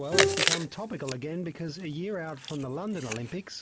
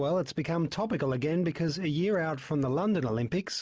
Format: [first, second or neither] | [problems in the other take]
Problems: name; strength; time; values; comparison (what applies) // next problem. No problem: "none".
second | background sound (Chewing, mastication + Bowed string instrument); 3 dB above the speech